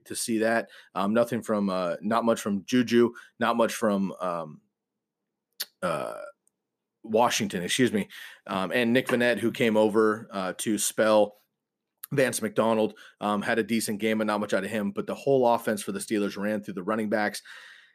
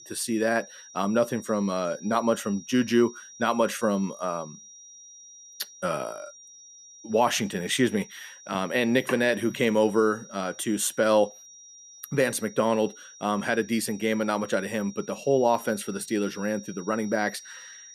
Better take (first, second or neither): first